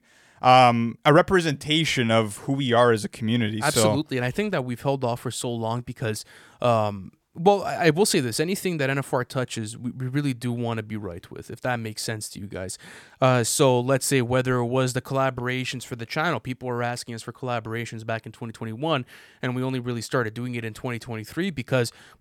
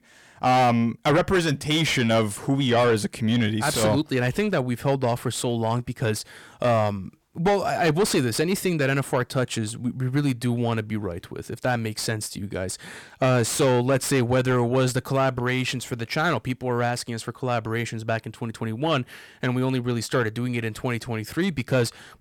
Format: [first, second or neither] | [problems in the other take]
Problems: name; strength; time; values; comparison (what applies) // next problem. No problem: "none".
first | distortion; heavy; 8 dB below the speech